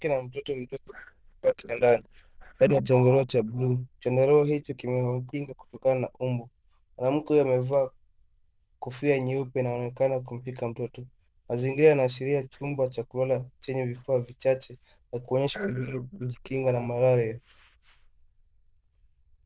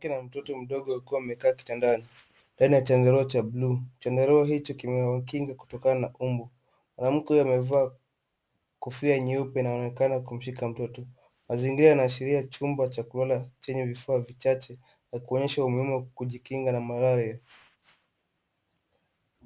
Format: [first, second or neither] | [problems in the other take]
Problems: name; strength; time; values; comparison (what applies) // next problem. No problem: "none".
second | noise reduction (neural diffusion model UNIVERSE++)